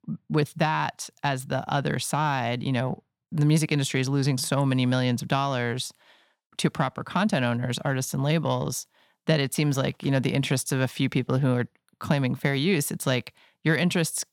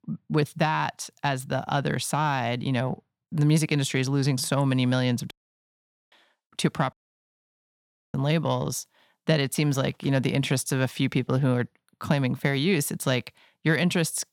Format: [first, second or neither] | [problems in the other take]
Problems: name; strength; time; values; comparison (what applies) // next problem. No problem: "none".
first | audio cutting out; at 5.5 s for 1 s and at 7 s for 1 s